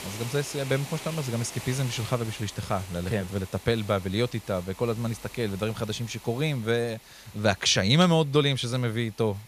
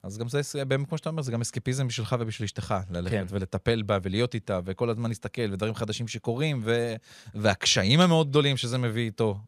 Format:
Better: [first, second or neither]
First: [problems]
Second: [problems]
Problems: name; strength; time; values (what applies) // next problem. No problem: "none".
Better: second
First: hiss; noticeable; throughout; 15 dB below the speech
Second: none